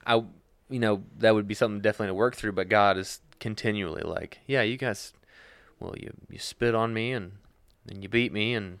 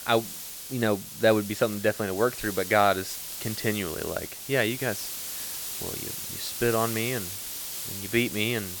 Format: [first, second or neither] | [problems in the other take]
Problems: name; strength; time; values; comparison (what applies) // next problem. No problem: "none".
first | hiss; loud; throughout; 6 dB below the speech